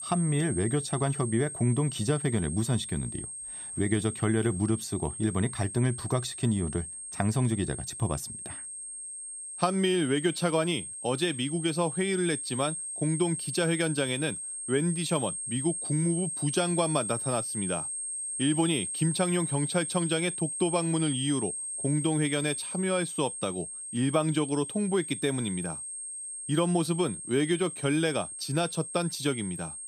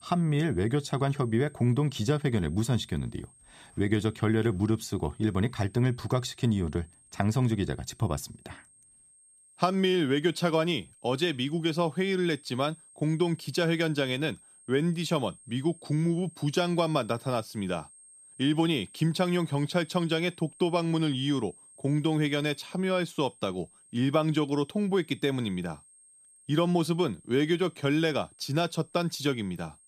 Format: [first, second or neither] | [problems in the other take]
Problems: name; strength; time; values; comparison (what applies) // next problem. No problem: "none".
second | high-pitched whine; loud; throughout; 8.5 kHz, 5 dB below the speech; faint in the second